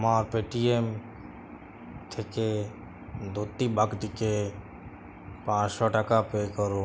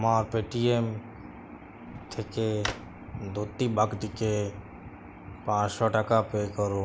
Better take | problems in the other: first | background sound (Drawer open or close); 14 dB below the speech

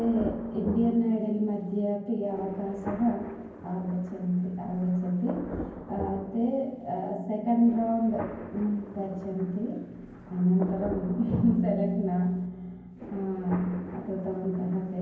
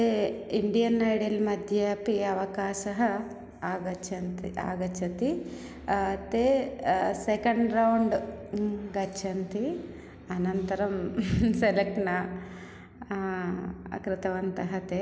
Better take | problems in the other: second | background sound (Thunder); 13 dB below the speech // room echo; dies away in 0.9 s

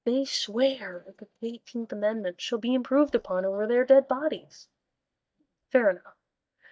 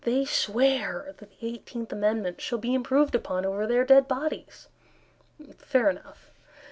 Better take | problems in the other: second | noise reduction (neural mask model DeepFilterNet 3)

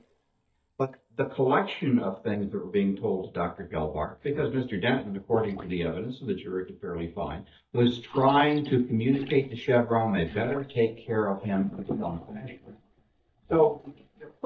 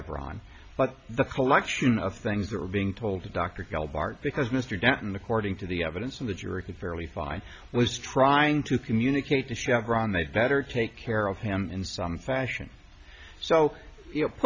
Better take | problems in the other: second | noise reduction (neural mask model DeepFilterNet 3)

